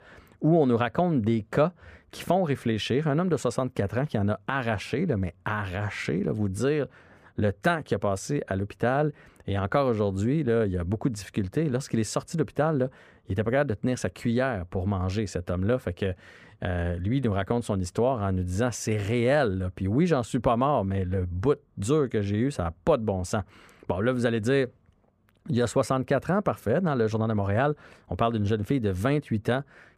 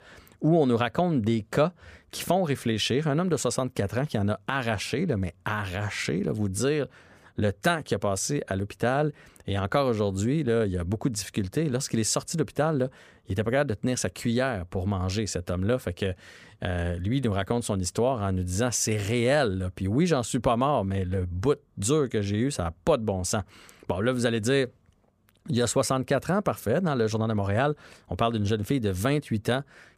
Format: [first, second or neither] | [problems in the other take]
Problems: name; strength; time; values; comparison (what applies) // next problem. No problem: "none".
second | muffled; slightly; fading above 3 kHz